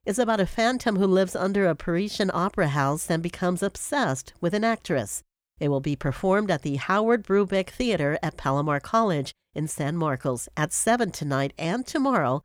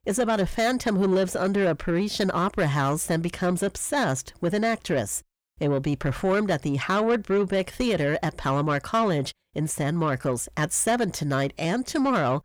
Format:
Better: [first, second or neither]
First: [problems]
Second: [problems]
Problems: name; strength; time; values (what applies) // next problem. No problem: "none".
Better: first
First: none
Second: distortion; slight; 10 dB below the speech